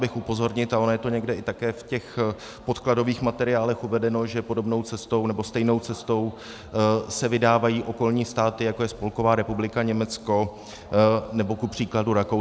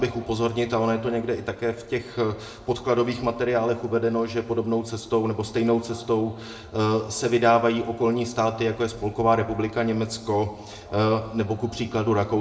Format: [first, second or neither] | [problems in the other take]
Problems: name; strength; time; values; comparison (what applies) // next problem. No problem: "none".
first | room echo; dies away in 0.6 s